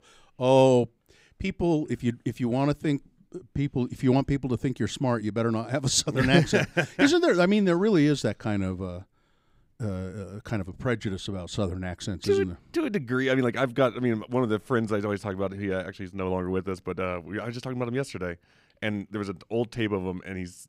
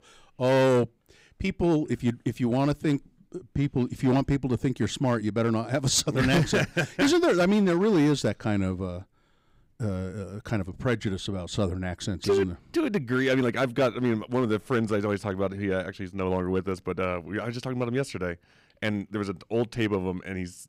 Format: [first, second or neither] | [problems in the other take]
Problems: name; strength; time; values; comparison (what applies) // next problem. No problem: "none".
first | distortion; slight; 5% of the sound clipped